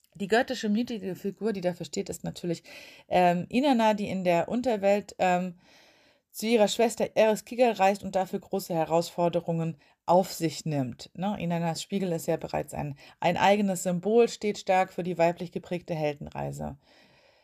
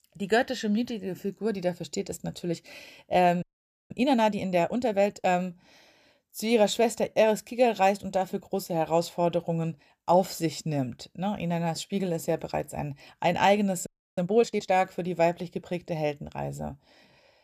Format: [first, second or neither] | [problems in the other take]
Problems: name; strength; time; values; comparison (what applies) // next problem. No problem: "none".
first | audio freezing; at 3.5 s and at 14 s